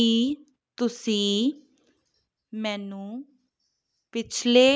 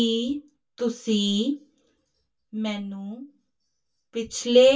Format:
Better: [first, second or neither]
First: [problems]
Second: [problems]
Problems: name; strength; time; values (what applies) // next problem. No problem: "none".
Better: first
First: none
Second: room echo; dies away in 0.1 s